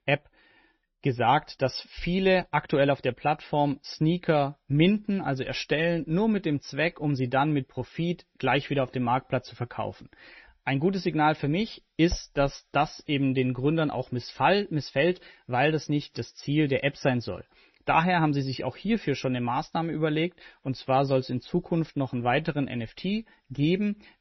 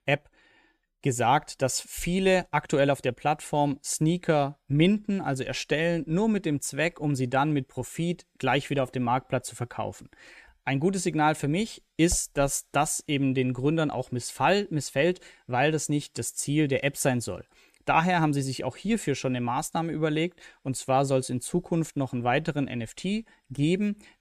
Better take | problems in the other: second | garbled, watery; slightly; nothing above 6 kHz

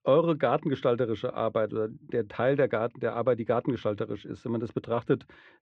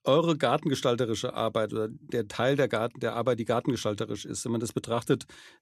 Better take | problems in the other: second | muffled; very; fading above 2.5 kHz

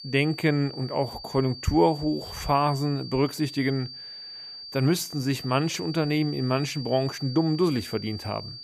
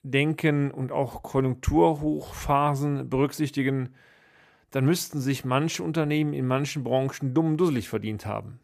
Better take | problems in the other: second | high-pitched whine; noticeable; throughout; 4.5 kHz, 10 dB below the speech

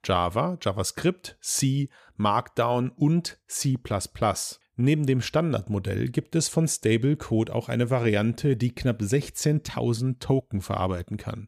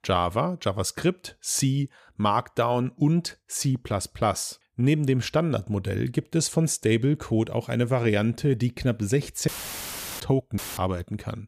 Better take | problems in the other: first | audio cutting out; filled with static; at 9.5 s for 0.5 s and at 11 s

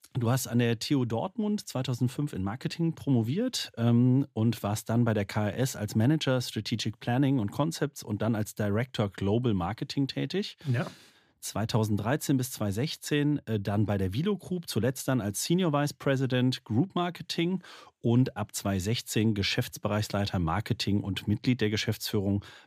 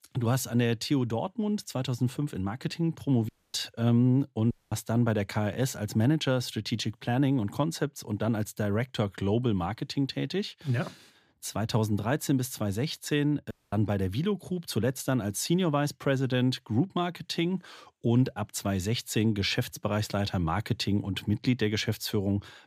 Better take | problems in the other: first | audio cutting out; at 3.5 s, at 4.5 s and at 14 s

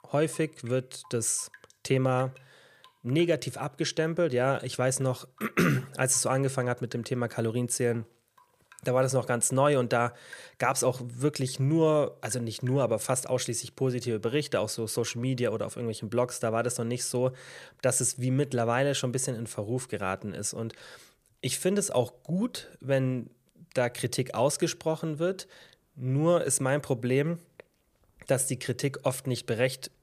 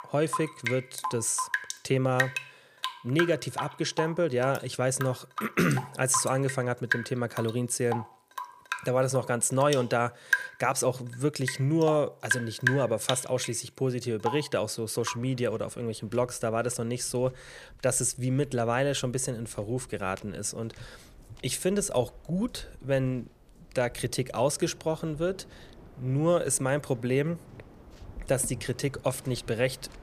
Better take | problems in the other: first | rain or running water; loud; throughout; 6 dB below the speech; faint in the first

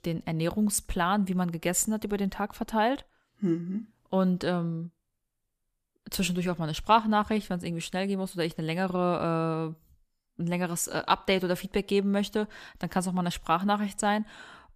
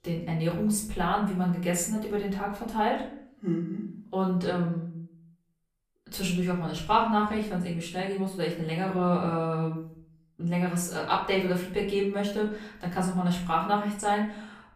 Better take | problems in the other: first | off-mic speech; far // room echo; slight; dies away in 0.5 s

